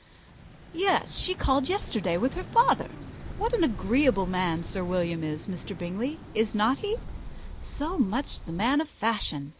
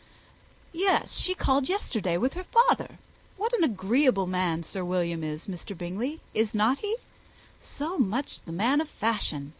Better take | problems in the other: second | background sound (Vehicle + Bird); 12 dB below the speech

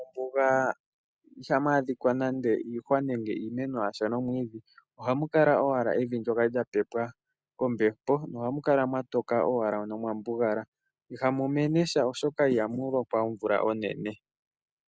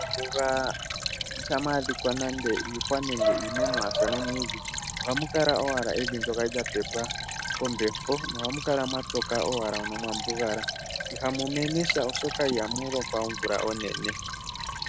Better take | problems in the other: first | background sound (Stream / Trickle, dribble + Bark / Motor vehicle (road) / Siren); 2 dB below the speech

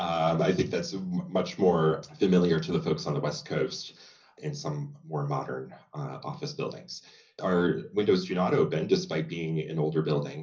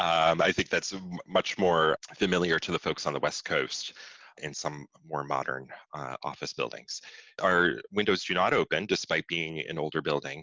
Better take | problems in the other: second | room echo; dies away in 0.5 s

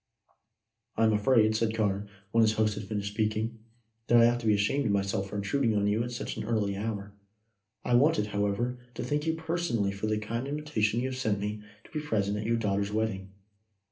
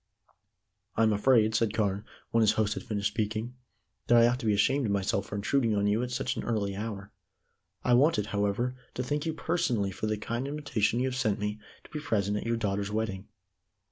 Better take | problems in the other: second | room echo; dies away in 0.3 s

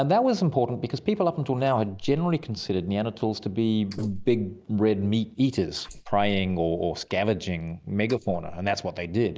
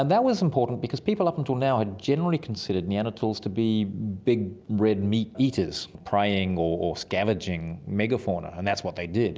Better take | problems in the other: second | noise reduction (neural mask model Resemble Enhance denoiser)

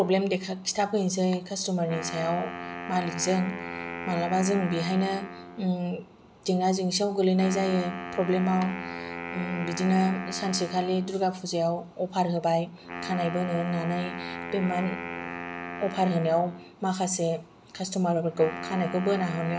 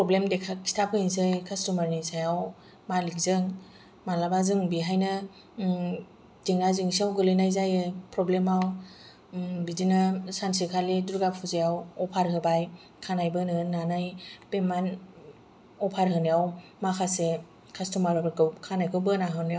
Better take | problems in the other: second | background sound (Wind instrument, woodwind instrument); 11 dB below the speech

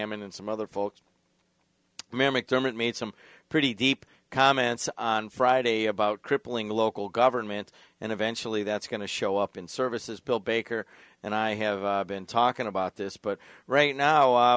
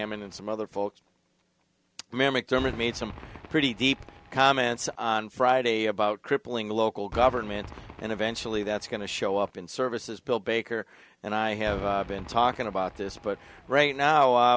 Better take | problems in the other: first | background sound (Cheering / Fireworks); 18 dB below the speech

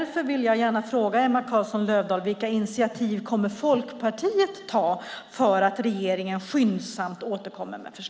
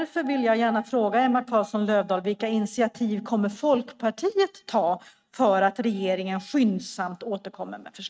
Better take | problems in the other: first | noise reduction (neural mask model RNNoise)

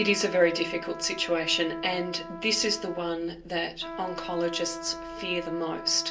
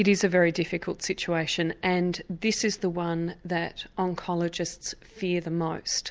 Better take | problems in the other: second | background sound (Trumpet); 11 dB below the speech // room echo; dies away in 0.2 s

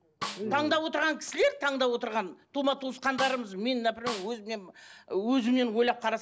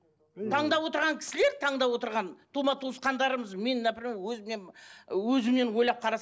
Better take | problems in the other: second | background sound (Snare drum); 11 dB below the speech

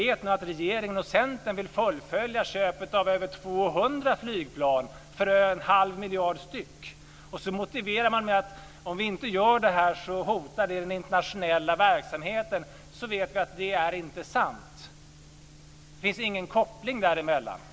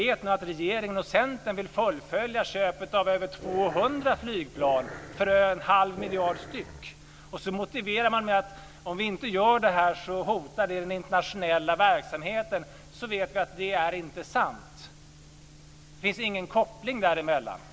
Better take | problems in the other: first | background sound (Growling); 14 dB below the speech

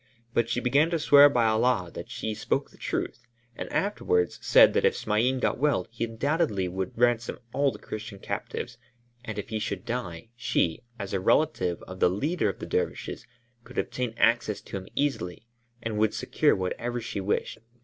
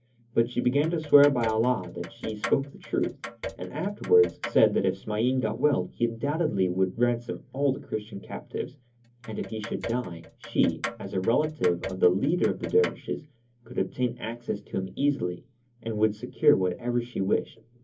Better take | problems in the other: first | background sound (Clock); 13 dB below the speech // room echo; dies away in 0.3 s

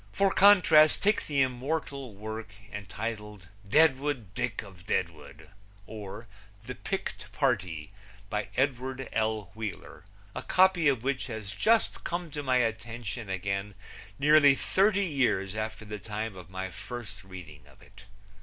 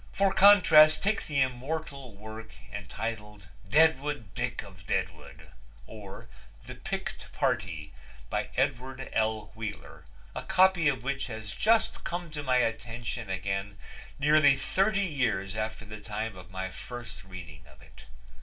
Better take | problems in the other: first | room echo; dies away in 0.2 s

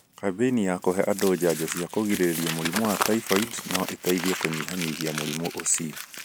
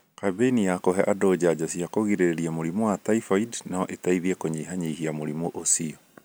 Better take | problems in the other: second | background sound (Crumpling, crinkling); 7 dB below the speech

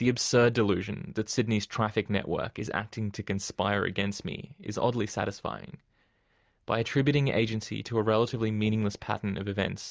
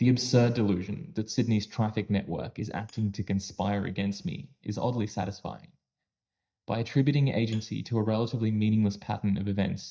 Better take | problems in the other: first | noise reduction (neural mask model DeepFilterNet 3)

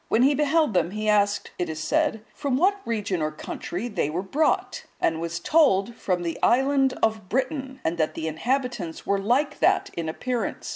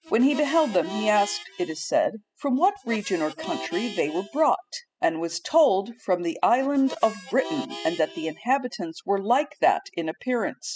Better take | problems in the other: first | noise reduction (classical method spectral subtraction)

